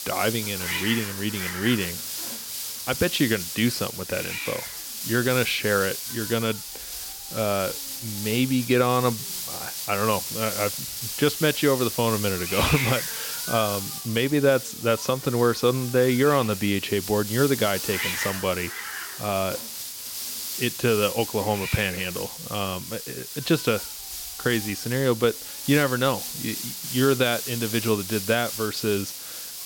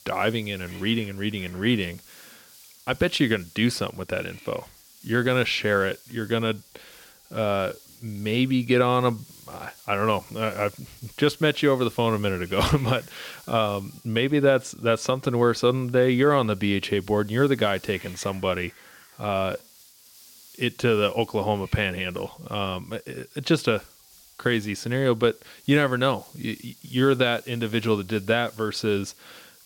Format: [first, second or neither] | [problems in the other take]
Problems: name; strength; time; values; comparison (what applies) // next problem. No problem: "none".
second | hiss; loud; throughout; 6 dB below the speech; faint in the second